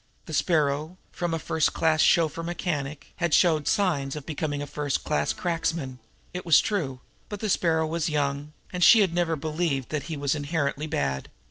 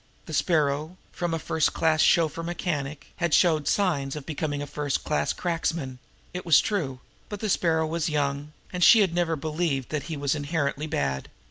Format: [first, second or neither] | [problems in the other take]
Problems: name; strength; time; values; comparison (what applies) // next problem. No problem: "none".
second | noise reduction (neural separator model SepFormer DNS4)